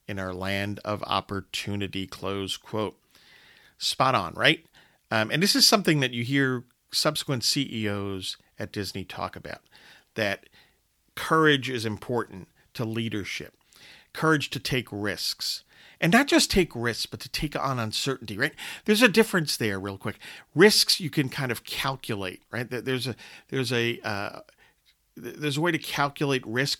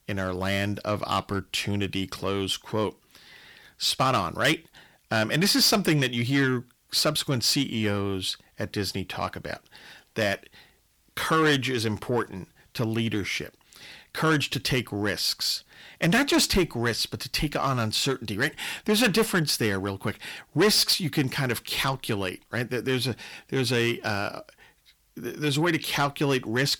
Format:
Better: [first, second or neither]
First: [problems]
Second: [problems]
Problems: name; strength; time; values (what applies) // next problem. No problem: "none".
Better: first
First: none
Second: distortion; heavy; 8 dB below the speech